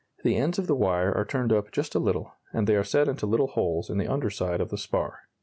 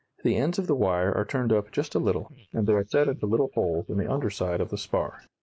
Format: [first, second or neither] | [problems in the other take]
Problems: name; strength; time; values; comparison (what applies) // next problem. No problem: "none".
first | noise reduction (neural mask model Resemble Enhance denoiser)